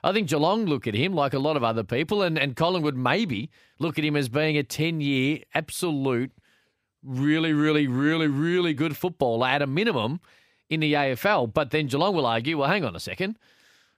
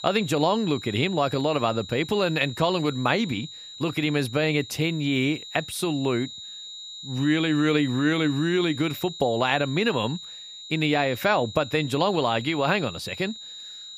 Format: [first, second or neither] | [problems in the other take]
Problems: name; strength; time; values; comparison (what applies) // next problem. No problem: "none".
first | high-pitched whine; noticeable; throughout; 4 kHz, 15 dB below the speech